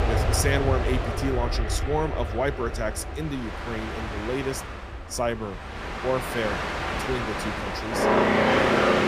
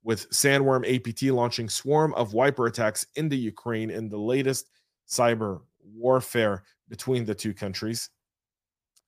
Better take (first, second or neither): second